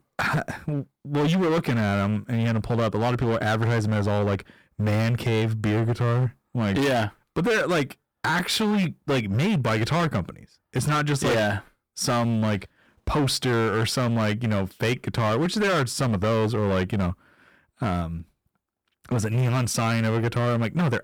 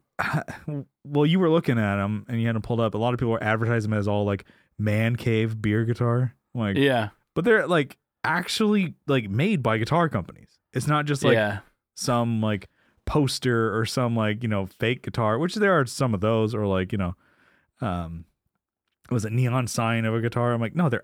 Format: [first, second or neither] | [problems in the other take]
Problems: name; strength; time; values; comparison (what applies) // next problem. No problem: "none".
second | distortion; heavy; 21% of the sound clipped